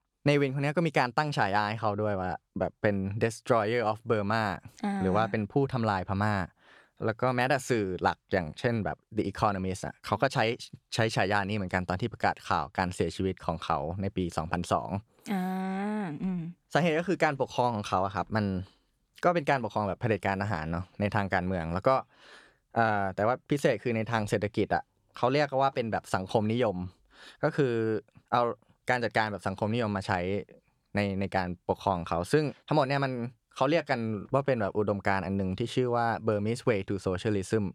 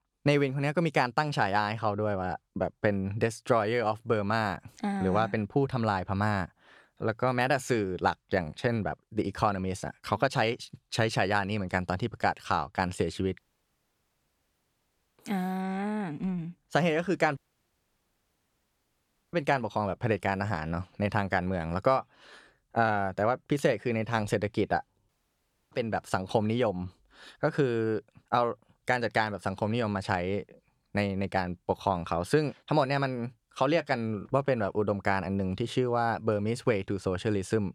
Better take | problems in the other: first | audio cutting out; at 13 s for 2 s, at 17 s for 2 s and at 25 s for 0.5 s

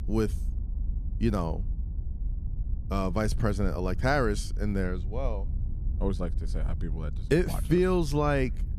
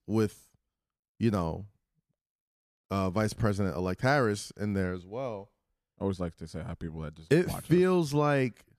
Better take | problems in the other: second | low rumble; faint; throughout; 20 dB below the speech

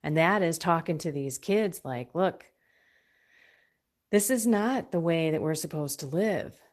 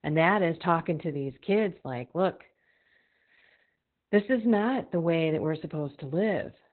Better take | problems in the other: first | garbled, watery; badly; nothing above 4 kHz; slightly in the first

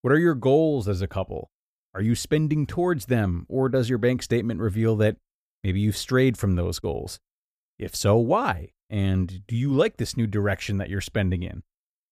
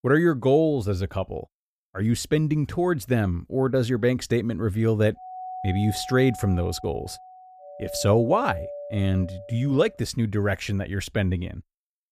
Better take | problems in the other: first | doorbell; noticeable; from 5 to 10 s; peak 9 dB below the speech

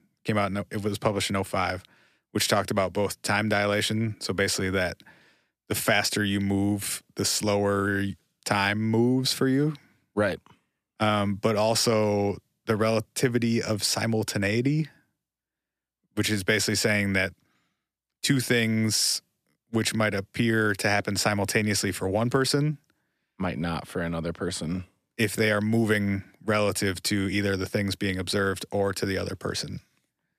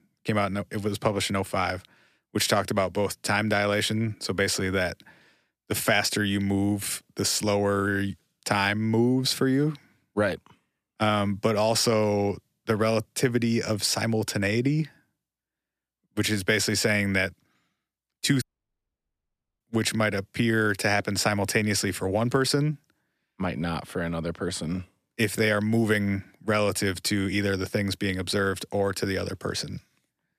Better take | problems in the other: first | audio cutting out; at 18 s for 1 s

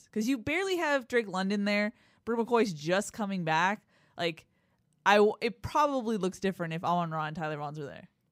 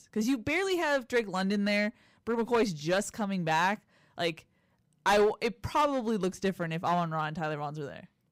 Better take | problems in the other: first | distortion; slight; 4% of the sound clipped

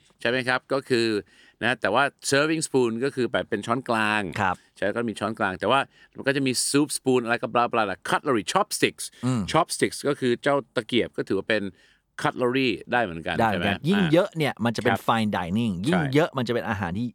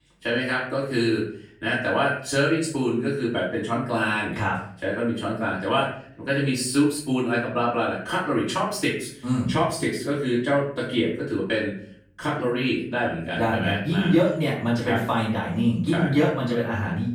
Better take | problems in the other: first | off-mic speech; far // room echo; noticeable; dies away in 0.6 s

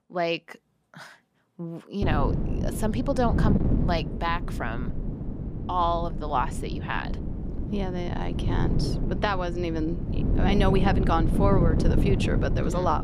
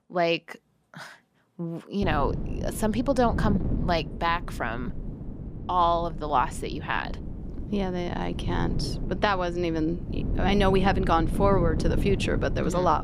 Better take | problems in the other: second | wind noise on the microphone; heavy; from 2 s on; 7 dB below the speech; occasional gusts in the second

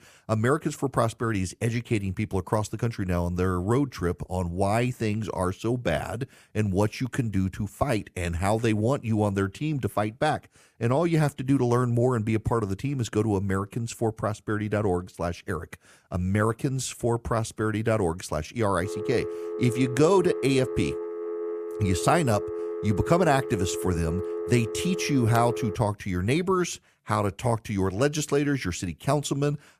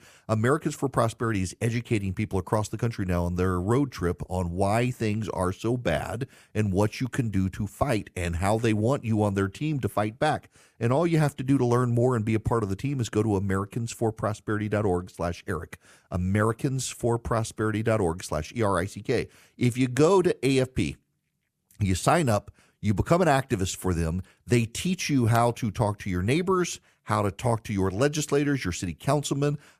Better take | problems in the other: second | phone ringing; noticeable; from 19 to 26 s; peak 6 dB below the speech

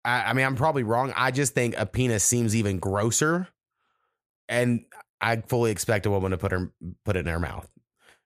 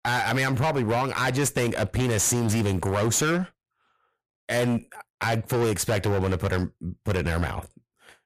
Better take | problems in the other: first | distortion; heavy; 21% of the sound clipped

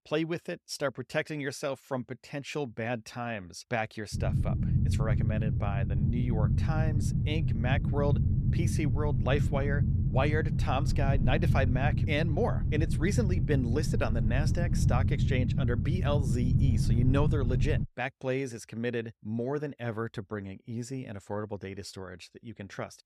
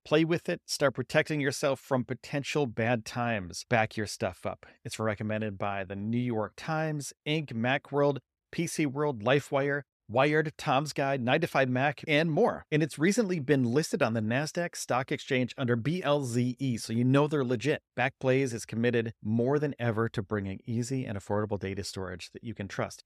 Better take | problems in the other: second | low rumble; loud; from 4 to 18 s; 6 dB below the speech

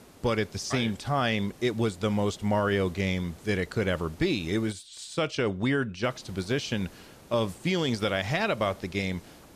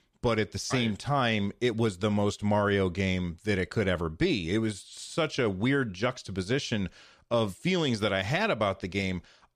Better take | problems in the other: second | hiss; faint; until 4.5 s and from 6 s on; 25 dB below the speech

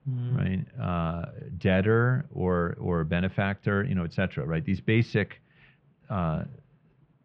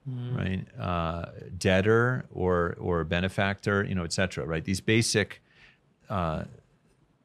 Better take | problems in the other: second | muffled; very; fading above 3 kHz

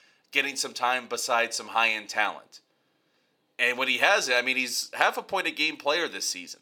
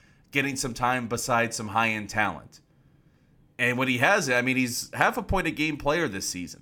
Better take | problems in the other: second | thin; somewhat; fading below 500 Hz

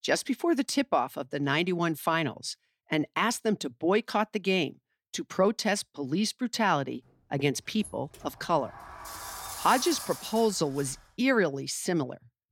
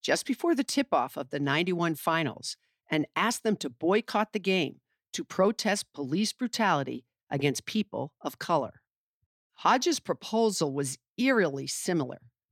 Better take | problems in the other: second | door banging; noticeable; from 8 to 11 s; peak 6 dB below the speech

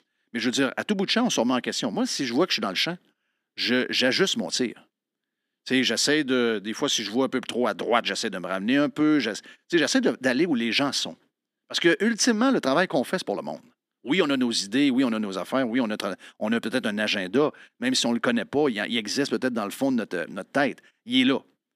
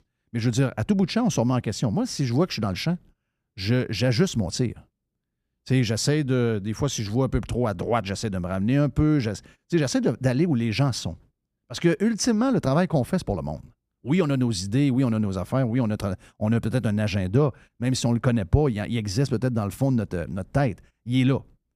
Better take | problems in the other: second | thin; very slightly; fading below 250 Hz

